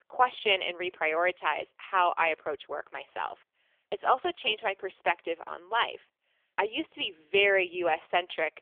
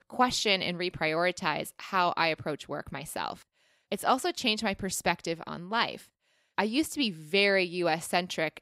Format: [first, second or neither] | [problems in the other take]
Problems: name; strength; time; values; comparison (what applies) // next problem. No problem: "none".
second | phone-call audio; poor line; nothing above 3 kHz